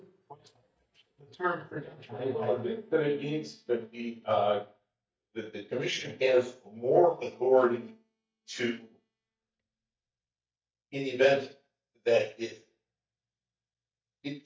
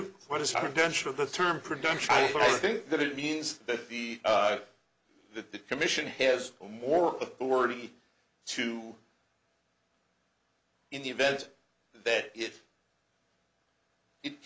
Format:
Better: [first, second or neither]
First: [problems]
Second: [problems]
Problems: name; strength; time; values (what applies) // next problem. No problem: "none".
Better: second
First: noise reduction (neural mask model DeepFilterNet 3)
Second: none